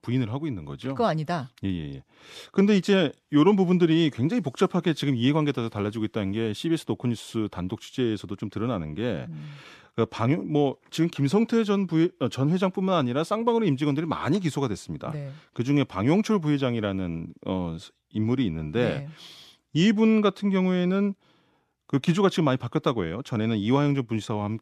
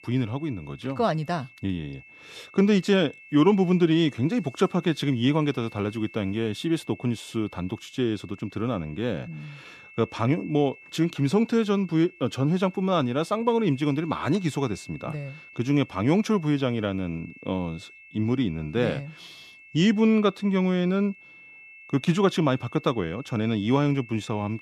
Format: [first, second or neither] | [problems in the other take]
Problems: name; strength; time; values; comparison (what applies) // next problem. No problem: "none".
first | high-pitched whine; faint; throughout; 2.5 kHz, 20 dB below the speech